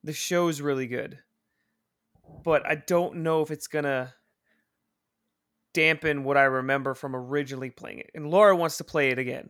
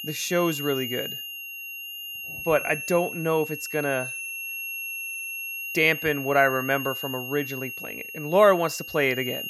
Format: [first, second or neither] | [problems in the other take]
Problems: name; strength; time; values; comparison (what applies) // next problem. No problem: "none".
first | high-pitched whine; loud; throughout; 2.5 kHz, 8 dB below the speech